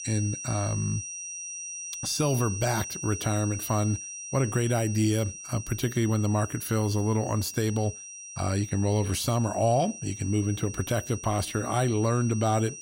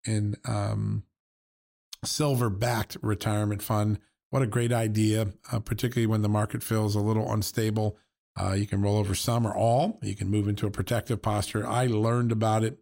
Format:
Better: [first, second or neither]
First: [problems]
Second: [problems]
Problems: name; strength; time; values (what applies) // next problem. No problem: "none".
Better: second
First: high-pitched whine; loud; throughout; 6 kHz, 9 dB below the speech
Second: none